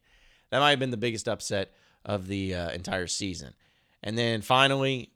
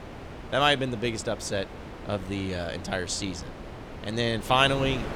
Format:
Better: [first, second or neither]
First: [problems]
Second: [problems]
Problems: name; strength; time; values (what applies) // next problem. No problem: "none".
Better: first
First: none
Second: wind noise on the microphone; occasional gusts; 15 dB below the speech